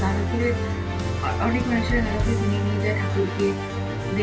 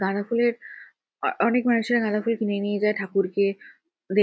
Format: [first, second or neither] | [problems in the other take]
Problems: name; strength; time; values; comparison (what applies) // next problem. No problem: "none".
second | background sound (Musical instrument); 2 dB above the speech // room echo; dies away in 0.2 s